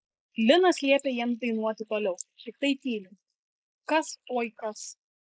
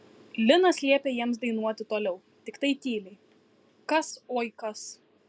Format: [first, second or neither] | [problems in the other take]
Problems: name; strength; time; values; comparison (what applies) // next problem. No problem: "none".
second | noise reduction (neural mask model Resemble Enhance denoiser)